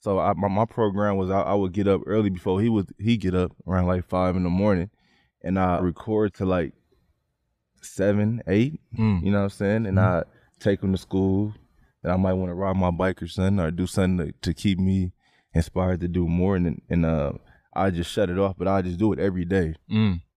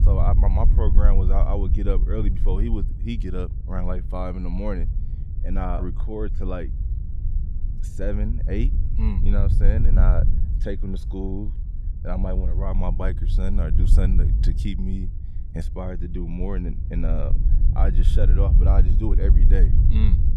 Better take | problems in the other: first | low rumble; loud; throughout; 8 dB below the speech

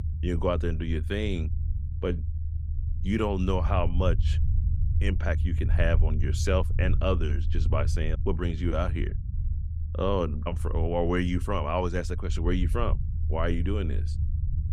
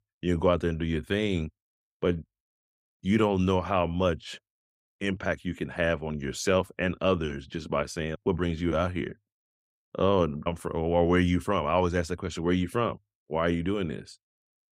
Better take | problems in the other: second | low rumble; noticeable; throughout; 15 dB below the speech

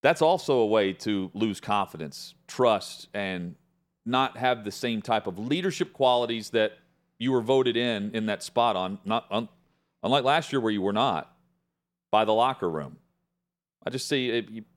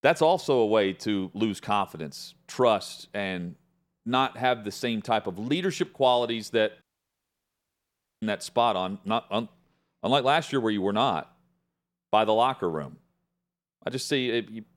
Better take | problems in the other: first | audio cutting out; at 7 s for 1.5 s

